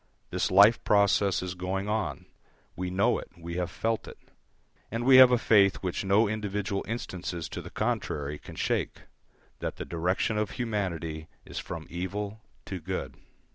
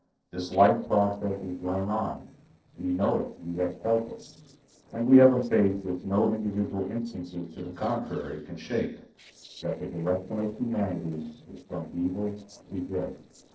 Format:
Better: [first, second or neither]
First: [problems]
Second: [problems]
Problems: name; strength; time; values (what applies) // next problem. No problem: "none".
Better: first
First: none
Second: noise reduction (neural separator model SepFormer DNS4)